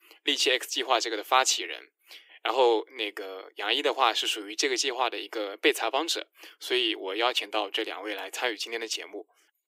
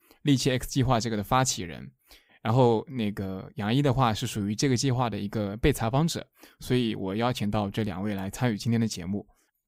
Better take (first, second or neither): second